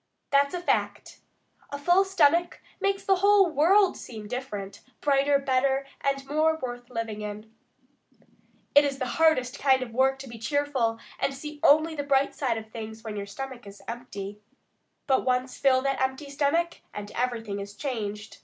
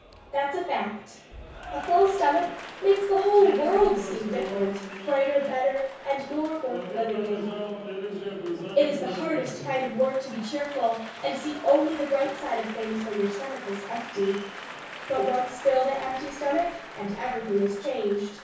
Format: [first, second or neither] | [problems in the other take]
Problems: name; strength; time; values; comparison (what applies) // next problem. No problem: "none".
first | background sound (Applause); 11 dB below the speech // room echo; dies away in 0.6 s